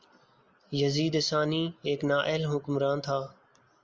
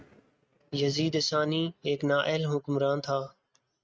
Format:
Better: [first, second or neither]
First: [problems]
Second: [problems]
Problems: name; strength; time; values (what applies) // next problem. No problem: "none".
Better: first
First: none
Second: noise reduction (neural mask model RNNoise)